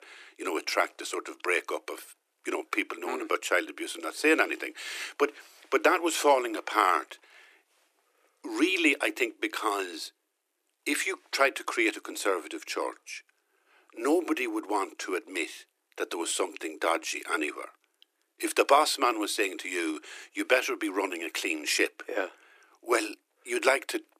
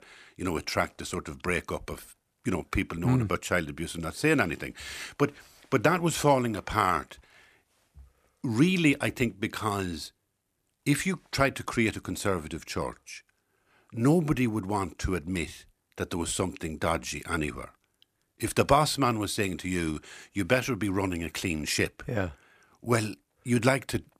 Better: second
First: thin; very; fading below 300 Hz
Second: none

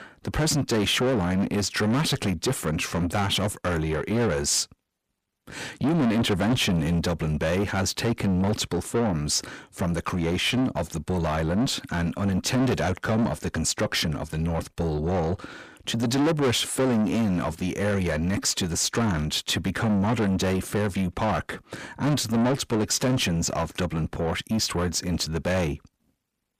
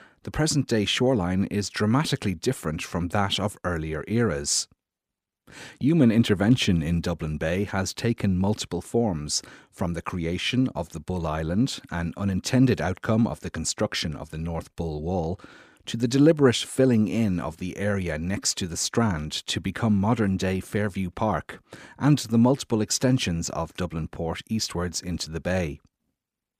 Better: second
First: distortion; heavy; 6 dB below the speech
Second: none

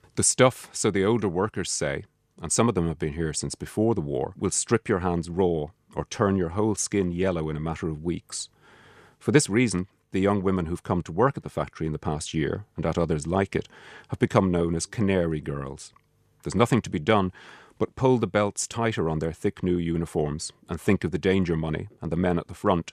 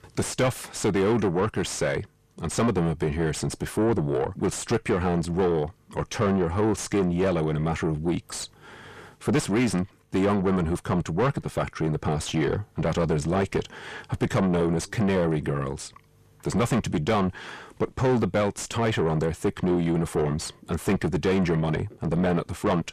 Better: first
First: none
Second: distortion; heavy; 4 dB below the speech

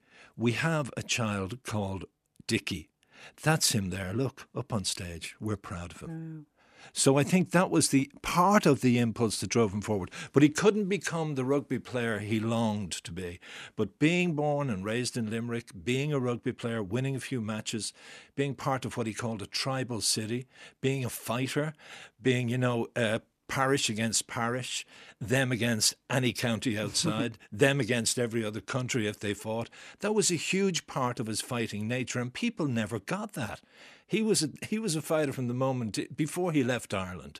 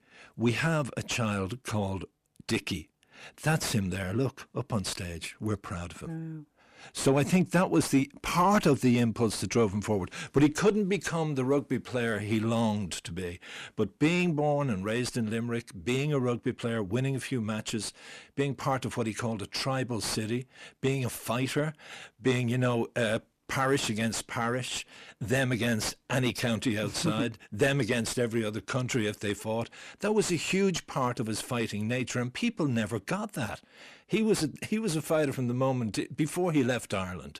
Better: first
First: none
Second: distortion; slight; 10 dB below the speech

